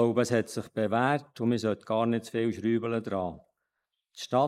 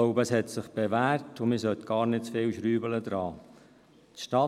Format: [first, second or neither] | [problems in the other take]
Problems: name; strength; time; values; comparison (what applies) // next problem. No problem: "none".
second | noise reduction (neural mask model Resemble Enhance denoiser)